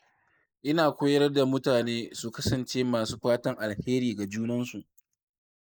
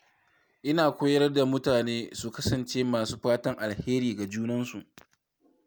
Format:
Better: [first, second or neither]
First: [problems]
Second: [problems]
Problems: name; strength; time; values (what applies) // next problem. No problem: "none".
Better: second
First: noise reduction (neural mask model Resemble Enhance denoiser)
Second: none